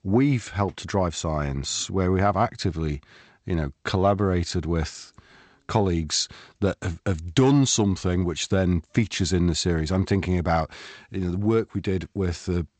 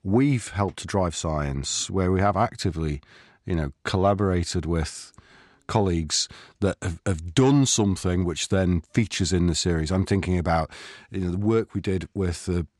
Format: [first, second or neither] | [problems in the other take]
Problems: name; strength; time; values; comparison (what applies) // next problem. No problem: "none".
second | garbled, watery; slightly; nothing above 7.5 kHz